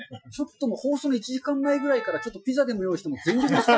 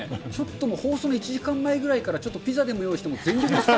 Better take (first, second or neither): second